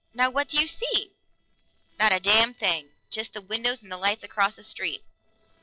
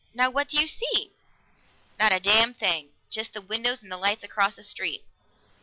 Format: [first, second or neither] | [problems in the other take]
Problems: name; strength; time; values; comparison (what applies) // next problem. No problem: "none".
second | noise reduction (neural separator model SepFormer DNS4)